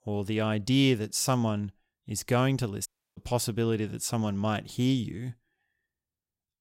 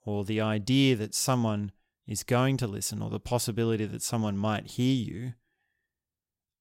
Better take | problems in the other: second | audio cutting out; at 3 s

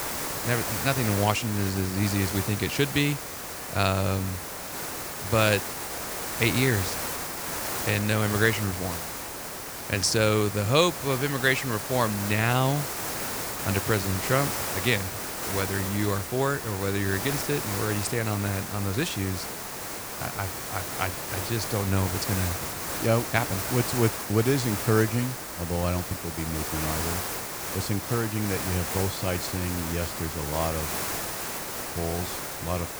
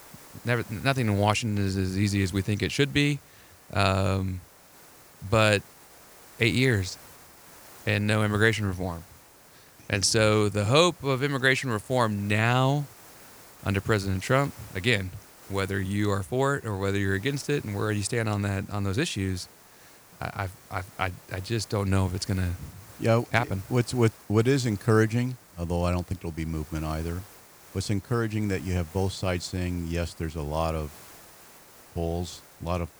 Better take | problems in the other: second | hiss; loud; throughout; 4 dB below the speech; faint in the second

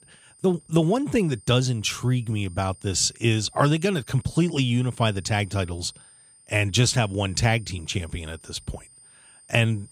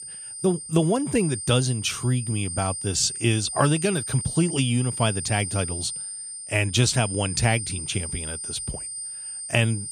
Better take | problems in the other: first | high-pitched whine; loud; throughout; 9 kHz, 6 dB below the speech; faint in the first

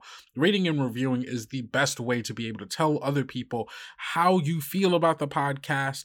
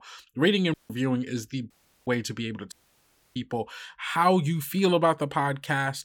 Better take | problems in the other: first | audio cutting out; at 0.5 s, at 1.5 s and at 2.5 s for 0.5 s

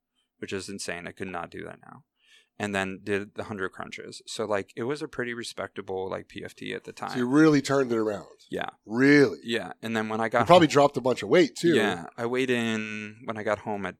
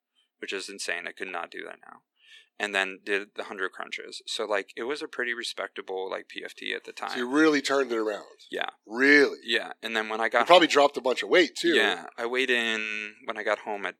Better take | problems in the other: first | thin; very slightly; fading below 300 Hz

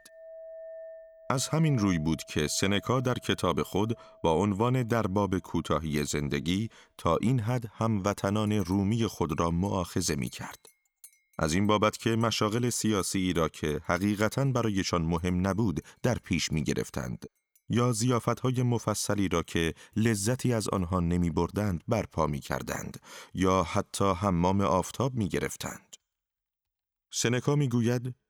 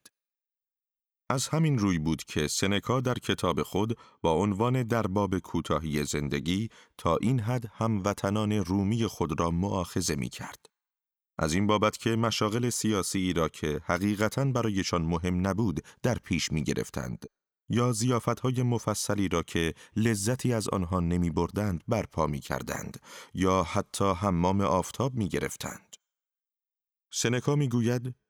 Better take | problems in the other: second | household noises; faint; throughout; 25 dB below the speech

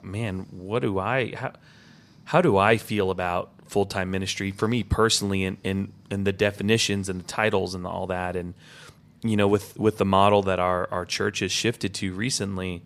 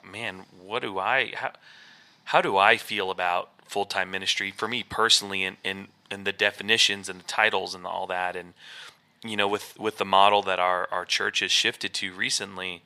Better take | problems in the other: first | thin; somewhat; fading below 700 Hz

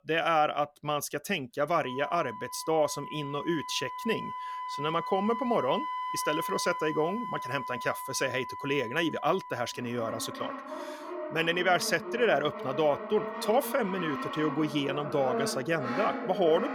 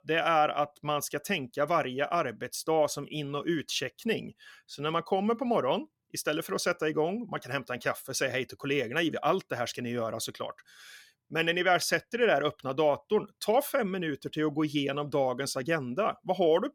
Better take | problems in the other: second | background music; loud; throughout; 7 dB below the speech

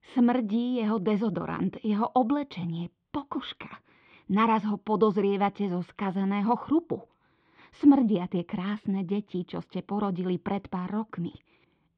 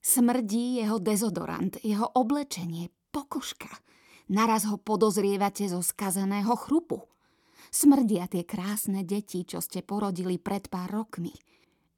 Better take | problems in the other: second | muffled; very; fading above 3.5 kHz

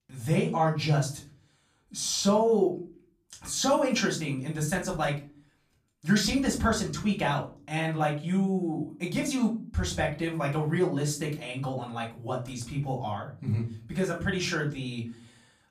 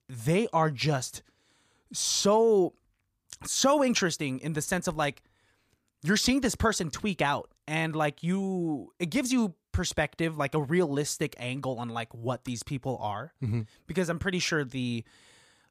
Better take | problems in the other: second | off-mic speech; far // room echo; very slight; dies away in 0.3 s

